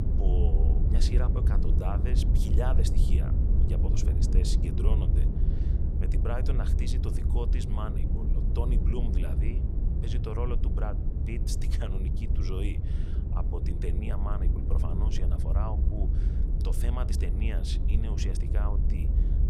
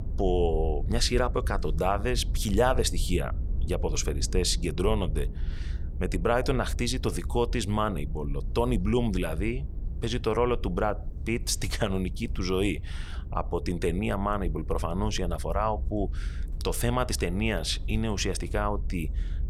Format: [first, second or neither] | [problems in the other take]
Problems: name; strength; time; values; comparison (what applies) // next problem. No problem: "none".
second | low rumble; loud; throughout; 2 dB below the speech; faint in the second